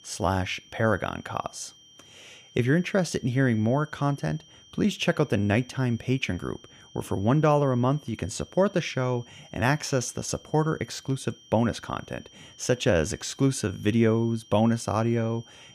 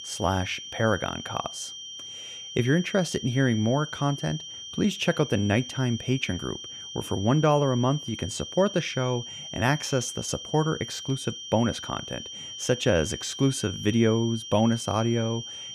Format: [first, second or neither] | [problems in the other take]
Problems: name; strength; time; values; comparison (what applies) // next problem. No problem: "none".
first | high-pitched whine; loud; throughout; 3 kHz, 10 dB below the speech; faint in the first